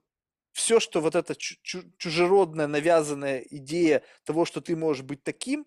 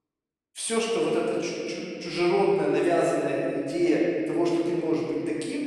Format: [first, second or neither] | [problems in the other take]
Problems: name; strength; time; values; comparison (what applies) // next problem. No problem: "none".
first | room echo; noticeable; dies away in 2.7 s // off-mic speech; far